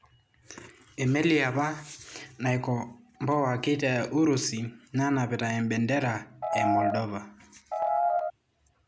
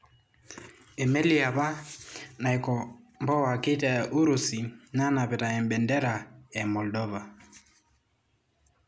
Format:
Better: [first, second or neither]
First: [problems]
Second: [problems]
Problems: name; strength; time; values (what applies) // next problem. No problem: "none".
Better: second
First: background sound (Piano); 3 dB above the speech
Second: none